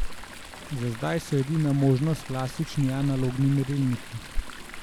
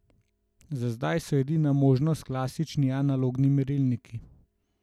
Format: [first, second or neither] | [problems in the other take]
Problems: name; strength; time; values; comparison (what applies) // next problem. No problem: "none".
second | background sound (Chatter / Stream); 9 dB below the speech